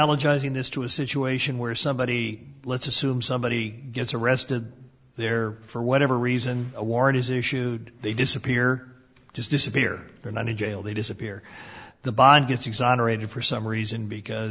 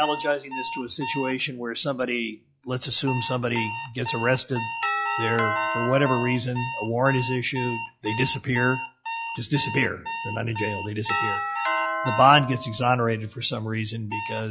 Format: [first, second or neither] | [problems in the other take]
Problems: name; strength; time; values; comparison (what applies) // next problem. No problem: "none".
first | noise reduction (classical method log-MMSE)